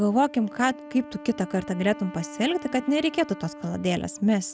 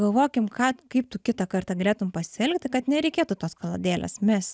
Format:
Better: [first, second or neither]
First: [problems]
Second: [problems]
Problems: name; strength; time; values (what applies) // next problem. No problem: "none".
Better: second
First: background sound (Wind instrument, woodwind instrument); 16 dB below the speech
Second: none